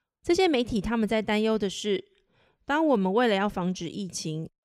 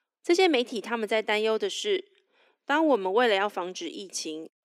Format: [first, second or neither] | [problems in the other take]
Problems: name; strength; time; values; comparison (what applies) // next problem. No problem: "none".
first | thin; somewhat; fading below 250 Hz